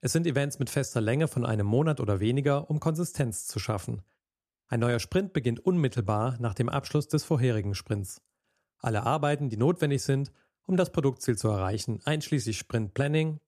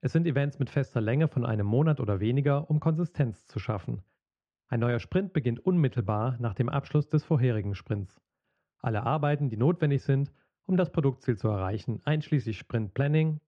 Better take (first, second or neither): first